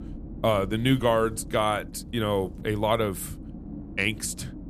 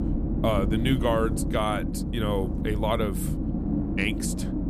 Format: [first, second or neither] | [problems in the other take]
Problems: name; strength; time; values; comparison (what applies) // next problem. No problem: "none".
first | low rumble; loud; throughout; 7 dB below the speech; faint in the first